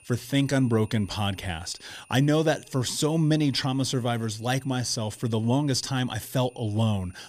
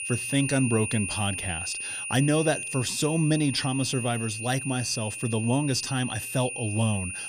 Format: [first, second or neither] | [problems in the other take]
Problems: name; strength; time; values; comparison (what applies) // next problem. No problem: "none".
first | high-pitched whine; loud; throughout; 9.5 kHz, 5 dB below the speech; faint in the first